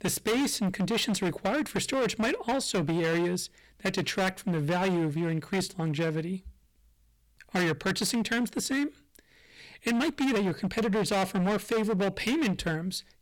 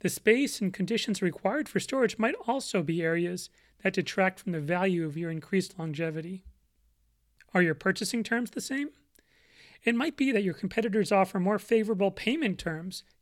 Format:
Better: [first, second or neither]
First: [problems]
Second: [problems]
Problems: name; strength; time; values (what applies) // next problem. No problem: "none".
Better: second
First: distortion; heavy; 20% of the sound clipped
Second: none